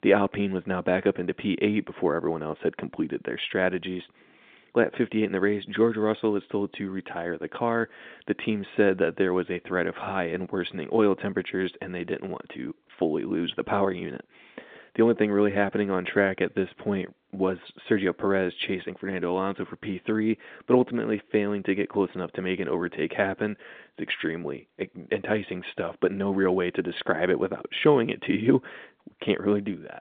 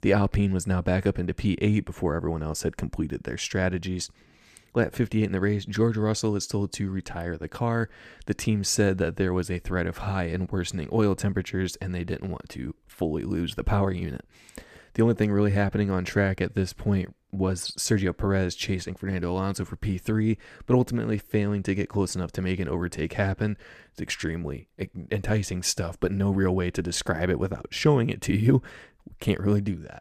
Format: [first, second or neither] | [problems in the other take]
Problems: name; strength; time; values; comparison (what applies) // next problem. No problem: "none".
second | phone-call audio